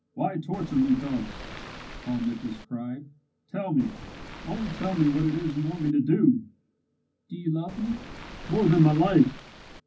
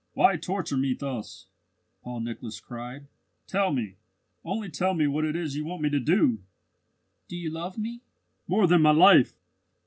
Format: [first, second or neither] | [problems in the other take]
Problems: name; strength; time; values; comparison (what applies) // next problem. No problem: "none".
second | background sound (Waves, surf); 14 dB below the speech // room echo; dies away in 0.4 s